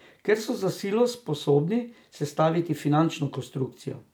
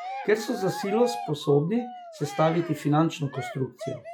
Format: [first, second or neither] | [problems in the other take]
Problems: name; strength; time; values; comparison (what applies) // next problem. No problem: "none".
first | noise reduction (classical method log-MMSE)